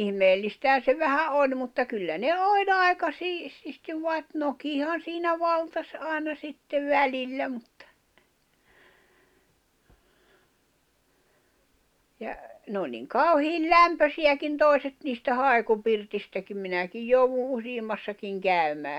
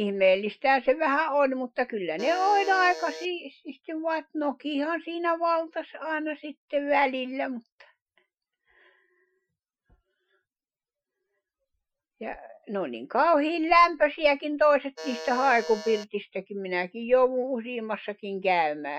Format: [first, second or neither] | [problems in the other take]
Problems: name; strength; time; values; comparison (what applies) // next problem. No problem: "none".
first | noise reduction (classical method Wiener filter)